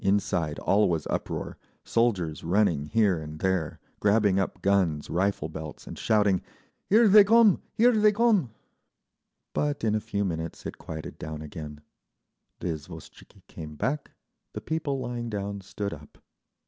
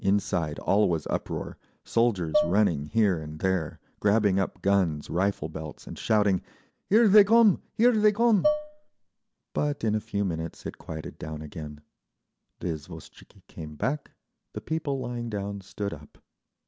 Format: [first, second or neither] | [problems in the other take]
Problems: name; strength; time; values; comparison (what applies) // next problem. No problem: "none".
first | background sound (Dishes, pots, and pans); 3 dB below the speech